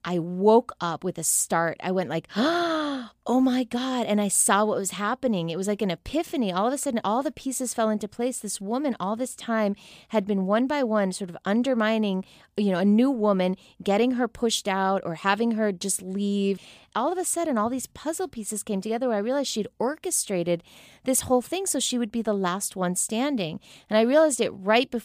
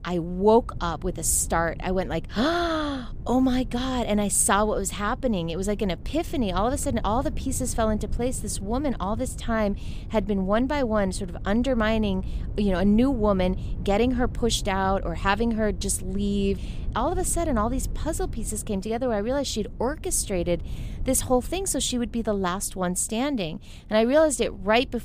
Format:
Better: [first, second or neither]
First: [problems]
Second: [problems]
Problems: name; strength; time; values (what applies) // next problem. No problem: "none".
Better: first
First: none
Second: low rumble; faint; throughout; 25 dB below the speech